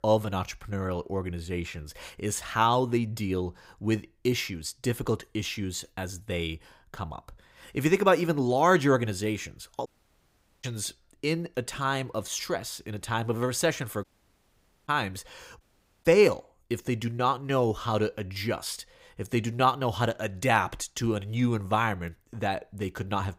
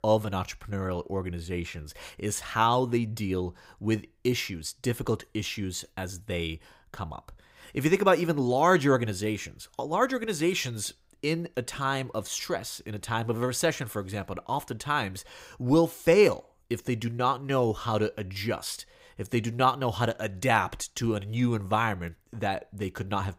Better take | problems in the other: second | audio cutting out; at 10 s for 1 s, at 14 s for 1 s and at 16 s

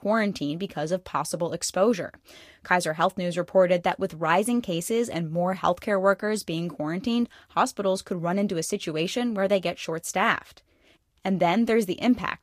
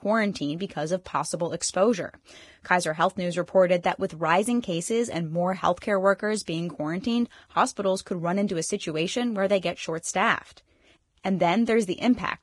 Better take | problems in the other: first | garbled, watery; badly; nothing above 10.5 kHz; slightly in the first

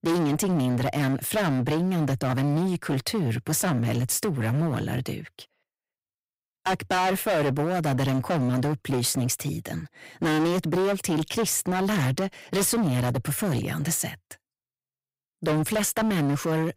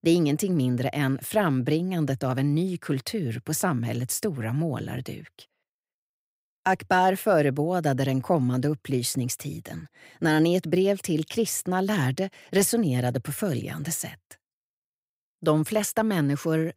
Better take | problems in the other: second | distortion; heavy; 21% of the sound clipped

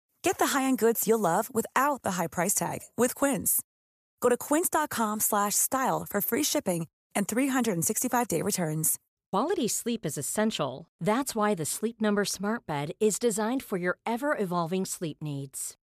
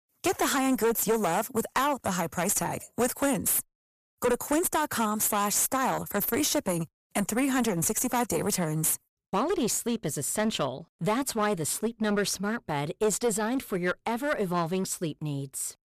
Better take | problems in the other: first | distortion; slight; 10% of the sound clipped

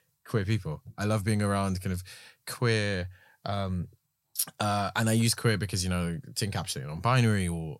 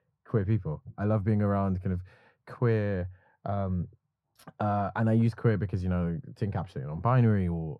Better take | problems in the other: first | muffled; very; fading above 3 kHz

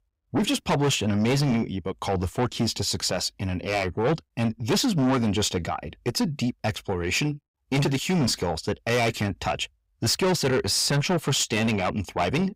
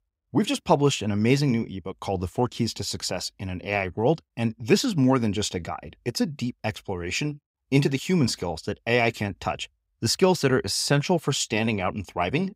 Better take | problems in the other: second | distortion; heavy; 6 dB below the speech

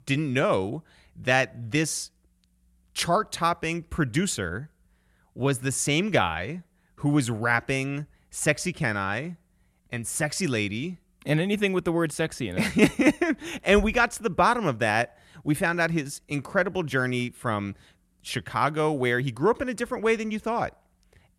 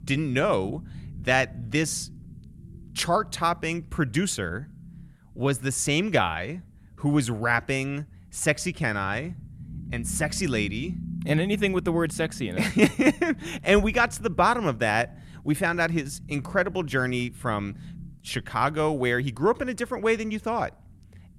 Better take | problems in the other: first | low rumble; faint; throughout; 25 dB below the speech

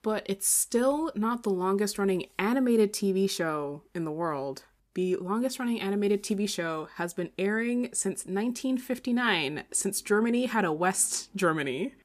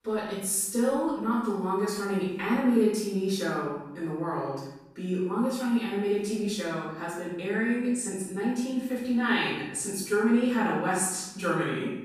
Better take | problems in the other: first | room echo; strong; dies away in 0.8 s // off-mic speech; far

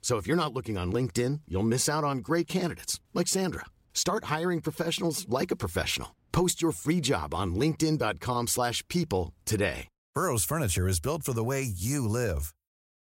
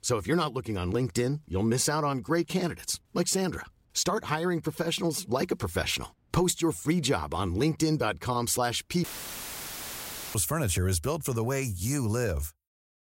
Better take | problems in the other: first | audio cutting out; filled with static; at 9 s for 1.5 s

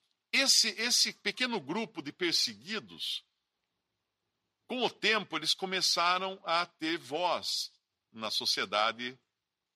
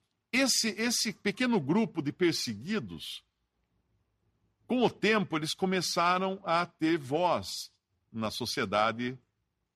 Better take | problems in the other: second | thin; somewhat; fading below 600 Hz

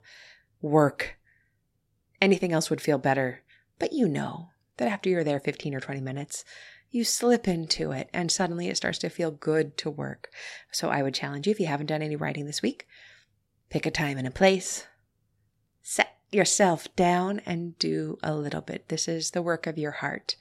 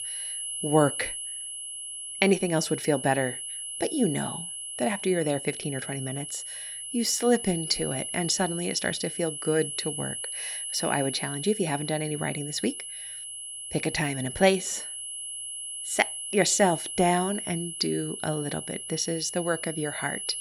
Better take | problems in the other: first | high-pitched whine; loud; throughout; 10.5 kHz, 6 dB below the speech

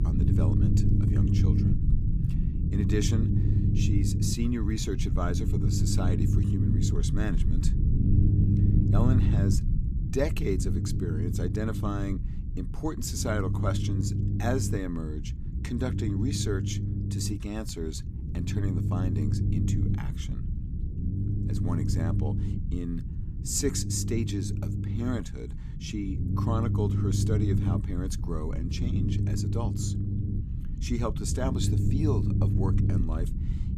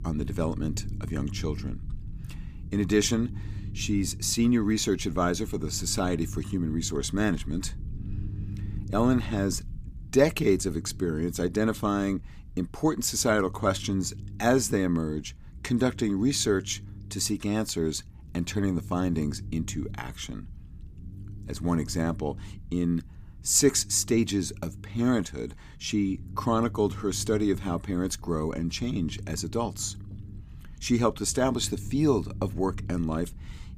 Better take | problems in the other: second | low rumble; loud; throughout; 3 dB below the speech; faint in the second

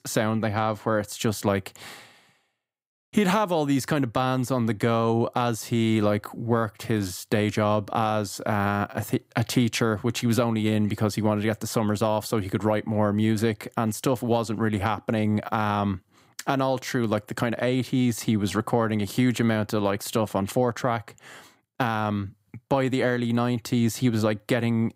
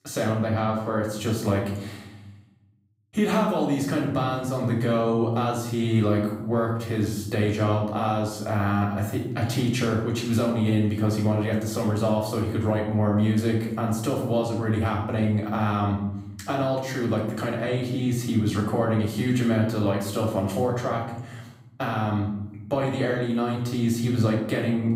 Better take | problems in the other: first | off-mic speech; far // room echo; noticeable; dies away in 1 s

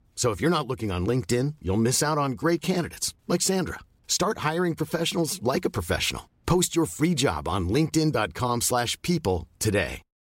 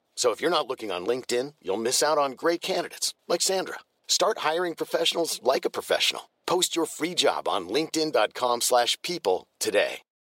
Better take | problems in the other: first | thin; very; fading below 450 Hz

